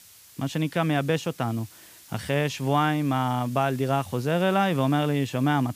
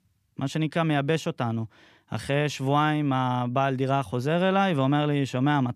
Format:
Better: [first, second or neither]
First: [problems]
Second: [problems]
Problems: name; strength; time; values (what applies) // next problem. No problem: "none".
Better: second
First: hiss; faint; throughout; 20 dB below the speech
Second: none